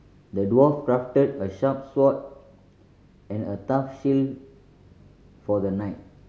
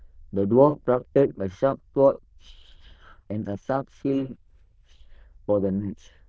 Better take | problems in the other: first | noise reduction (neural diffusion model UNIVERSE++)

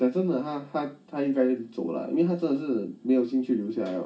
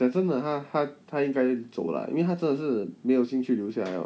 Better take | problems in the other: second | room echo; dies away in 0.2 s

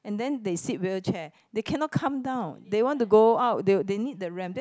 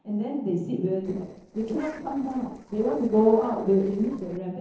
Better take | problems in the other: first | noise reduction (neural separator model SepFormer DNS4)

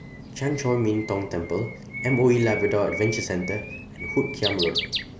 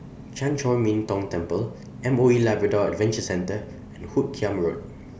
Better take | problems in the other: second | background sound (Bird); 9 dB below the speech

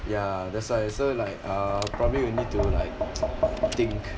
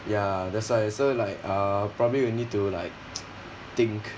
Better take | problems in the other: second | background sound (Tap); 1 dB below the speech

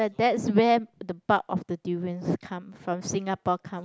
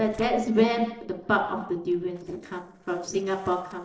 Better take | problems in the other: first | noise reduction (neural separator model SepFormer DNS4)

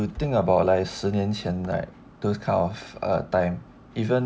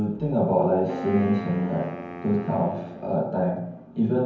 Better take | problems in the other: first | background sound (Wind instrument, woodwind instrument); 13 dB below the speech // room echo; dies away in 0.9 s

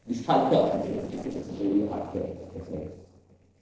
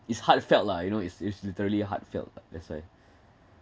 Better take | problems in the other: second | noise reduction (neural separator model SepFormer DNS4)

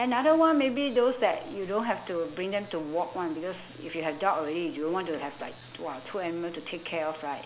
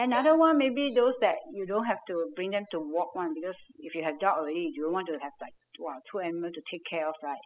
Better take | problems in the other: first | noise reduction (classical method spectral subtraction)

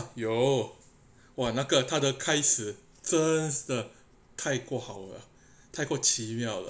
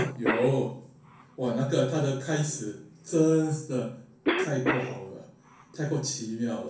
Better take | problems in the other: first | background sound (Cough); 7 dB below the speech // room echo; dies away in 0.6 s

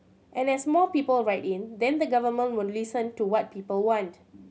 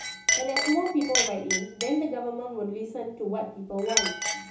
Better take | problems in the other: first | background sound (Chink, clink); 1 dB below the speech // room echo; dies away in 1.2 s

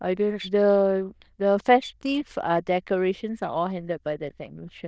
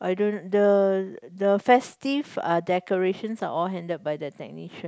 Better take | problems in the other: second | noise reduction (neural diffusion model UNIVERSE++)

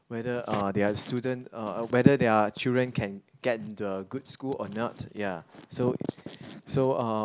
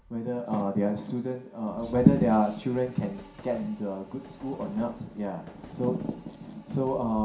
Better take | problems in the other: first | background sound (Train); 19 dB below the speech // room echo; dies away in 0.5 s

